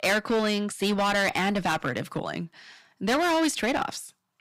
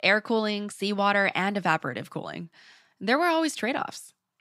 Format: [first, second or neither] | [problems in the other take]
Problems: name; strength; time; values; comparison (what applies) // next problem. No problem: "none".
second | distortion; heavy; 12% of the sound clipped